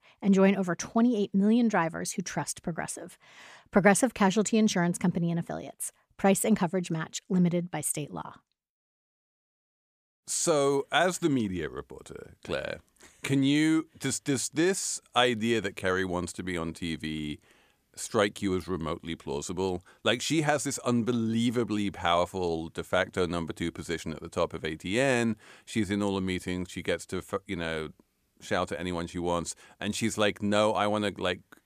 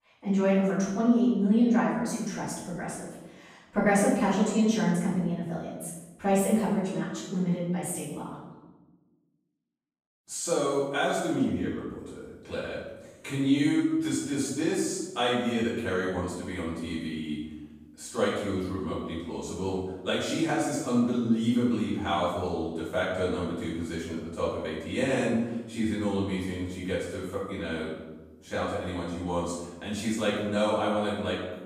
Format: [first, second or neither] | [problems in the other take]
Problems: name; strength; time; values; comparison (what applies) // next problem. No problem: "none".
first | off-mic speech; far // room echo; noticeable; dies away in 1 s